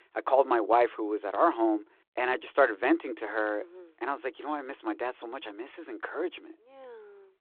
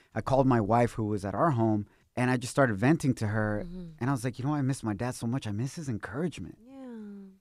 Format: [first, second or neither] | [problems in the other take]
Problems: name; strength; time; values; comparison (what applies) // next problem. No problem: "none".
second | phone-call audio; nothing above 4 kHz